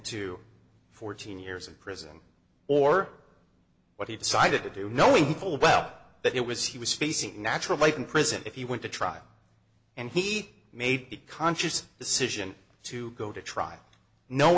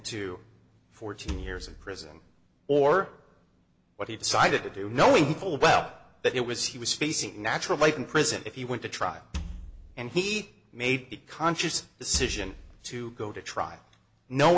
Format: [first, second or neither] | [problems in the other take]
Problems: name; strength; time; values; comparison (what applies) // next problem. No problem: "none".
first | background sound (Wood); 11 dB below the speech